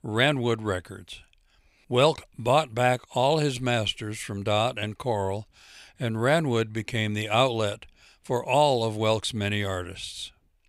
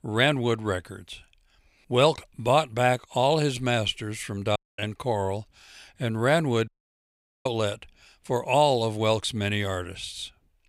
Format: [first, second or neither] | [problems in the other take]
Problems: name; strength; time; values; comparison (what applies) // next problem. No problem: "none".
first | audio cutting out; at 4.5 s and at 6.5 s for 1 s